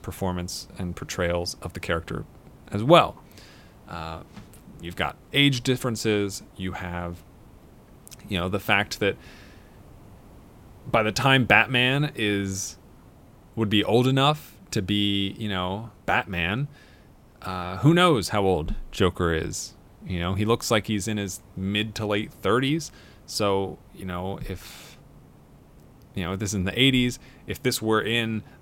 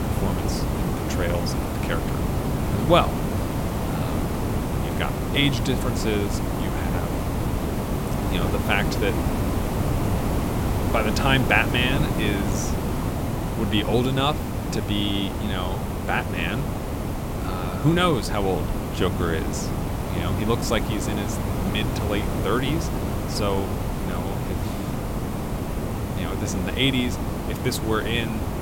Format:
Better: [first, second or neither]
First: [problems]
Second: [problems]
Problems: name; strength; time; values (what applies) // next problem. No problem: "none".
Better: first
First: hiss; faint; throughout; 30 dB below the speech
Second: hiss; loud; throughout; as loud as the speech